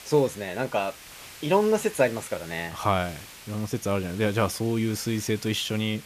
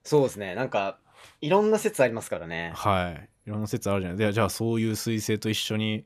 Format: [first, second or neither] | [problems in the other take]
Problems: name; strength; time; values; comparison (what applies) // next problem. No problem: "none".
second | hiss; noticeable; throughout; 15 dB below the speech